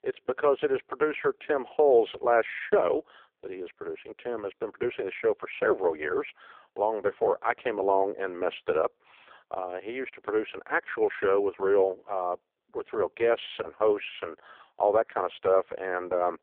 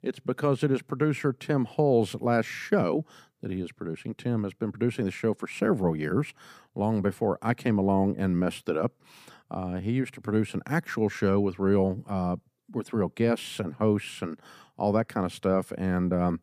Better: second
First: phone-call audio; poor line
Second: none

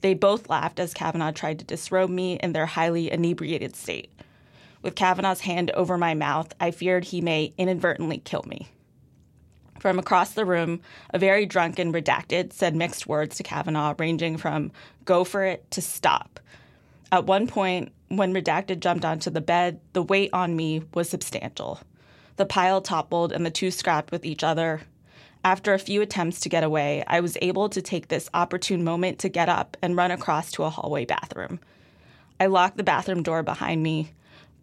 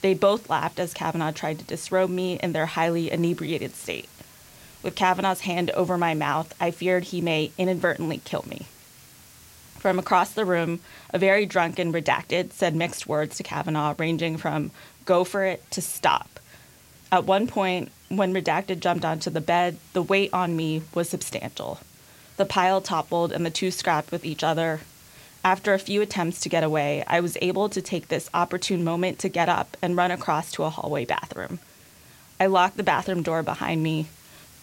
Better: first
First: none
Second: hiss; faint; throughout; 25 dB below the speech

